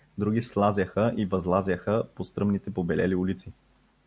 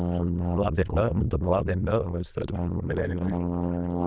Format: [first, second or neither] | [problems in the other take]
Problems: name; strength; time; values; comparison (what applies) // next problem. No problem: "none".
first | noise reduction (neural diffusion model UNIVERSE++)